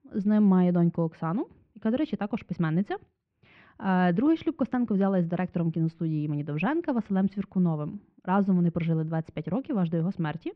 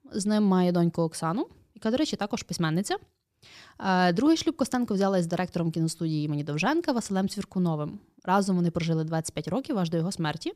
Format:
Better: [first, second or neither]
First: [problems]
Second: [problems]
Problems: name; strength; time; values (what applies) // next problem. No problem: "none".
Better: second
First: muffled; very; fading above 2.5 kHz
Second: none